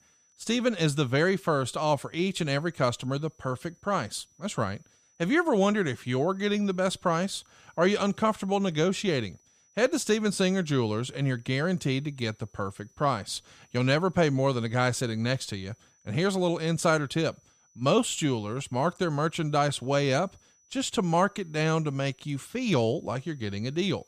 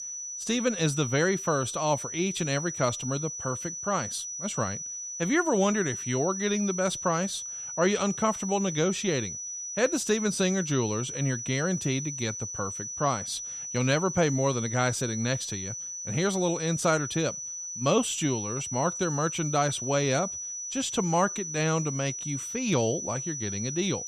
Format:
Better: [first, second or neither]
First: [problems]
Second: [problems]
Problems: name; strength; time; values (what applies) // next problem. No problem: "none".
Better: first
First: high-pitched whine; faint; throughout; 6 kHz, 35 dB below the speech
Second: high-pitched whine; loud; throughout; 6 kHz, 5 dB below the speech